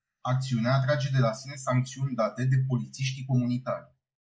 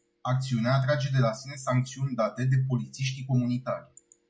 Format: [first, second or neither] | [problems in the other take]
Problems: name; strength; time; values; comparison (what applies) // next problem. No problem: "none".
second | noise reduction (neural mask model Resemble Enhance denoiser)